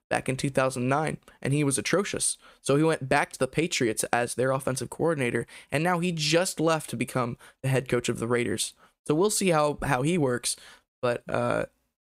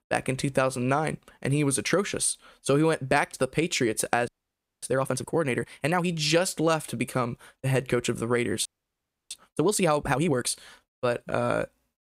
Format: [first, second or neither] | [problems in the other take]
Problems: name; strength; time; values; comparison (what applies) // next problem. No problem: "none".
first | audio freezing; at 4.5 s for 0.5 s and at 8.5 s for 0.5 s